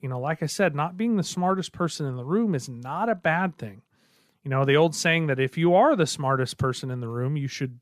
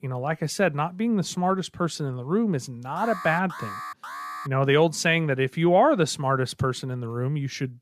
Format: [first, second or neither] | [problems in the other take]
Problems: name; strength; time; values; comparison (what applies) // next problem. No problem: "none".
first | alarm; faint; from 3 to 4.5 s; peak 10 dB below the speech